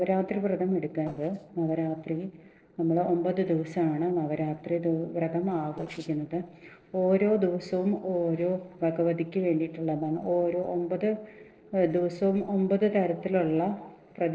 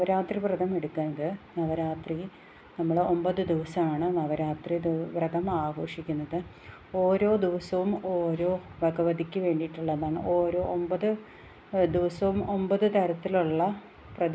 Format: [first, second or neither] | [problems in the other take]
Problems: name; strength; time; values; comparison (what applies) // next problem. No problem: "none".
second | noise reduction (neural separator model SepFormer DNS4)